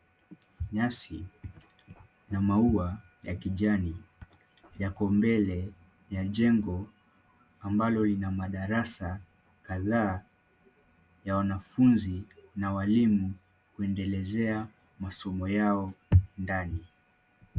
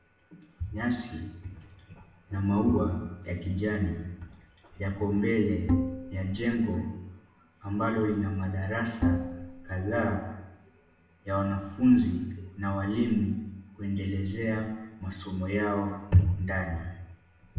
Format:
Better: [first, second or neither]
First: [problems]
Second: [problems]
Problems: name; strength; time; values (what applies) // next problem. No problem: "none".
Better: first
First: none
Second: background sound (Bowed string instrument); 1 dB below the speech // room echo; dies away in 0.8 s